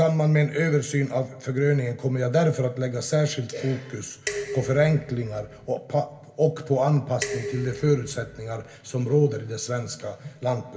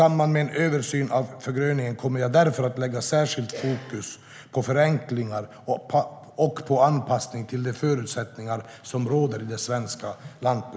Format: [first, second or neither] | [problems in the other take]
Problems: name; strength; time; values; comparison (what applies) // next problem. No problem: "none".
second | background sound (Dishes, pots, and pans); 10 dB below the speech // room echo; dies away in 0.2 s